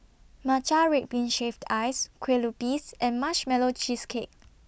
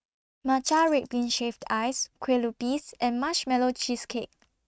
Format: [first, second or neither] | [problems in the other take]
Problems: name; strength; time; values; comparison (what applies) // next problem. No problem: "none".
first | noise reduction (neural mask model RNNoise)